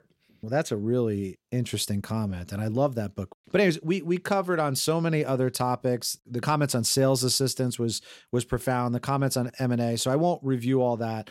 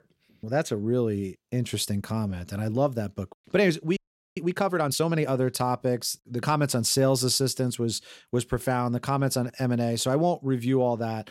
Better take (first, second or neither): first